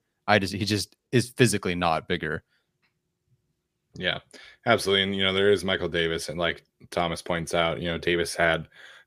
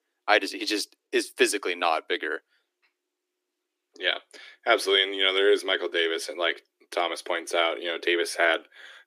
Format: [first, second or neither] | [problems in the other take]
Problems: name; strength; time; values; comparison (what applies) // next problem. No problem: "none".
first | thin; somewhat; fading below 300 Hz